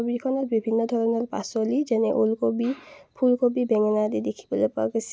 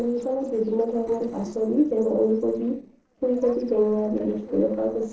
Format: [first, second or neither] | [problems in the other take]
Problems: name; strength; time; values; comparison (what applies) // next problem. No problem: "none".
first | noise reduction (neural separator model SepFormer DNS4)